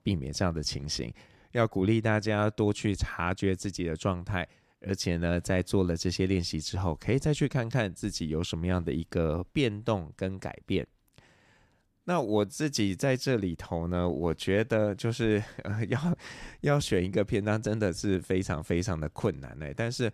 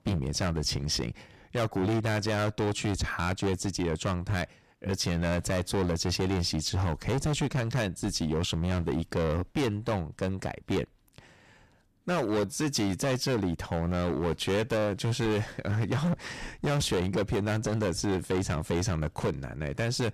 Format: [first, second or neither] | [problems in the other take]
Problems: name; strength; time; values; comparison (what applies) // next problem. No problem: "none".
first | distortion; heavy; 18% of the sound clipped